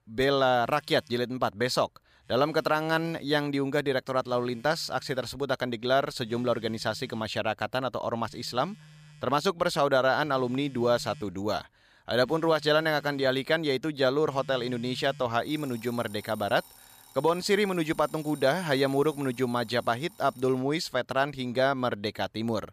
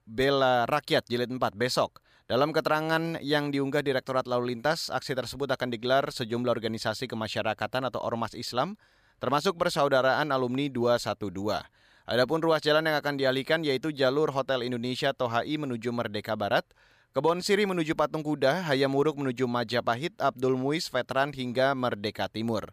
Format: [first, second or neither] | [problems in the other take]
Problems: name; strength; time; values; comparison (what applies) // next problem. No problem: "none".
second | alarms or sirens; faint; throughout; 25 dB below the speech